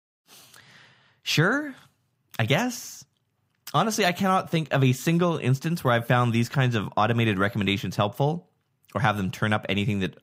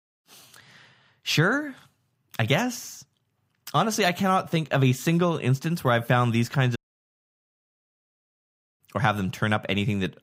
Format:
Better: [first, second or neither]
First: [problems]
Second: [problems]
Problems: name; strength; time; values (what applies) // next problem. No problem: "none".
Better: first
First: none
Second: audio cutting out; at 7 s for 2 s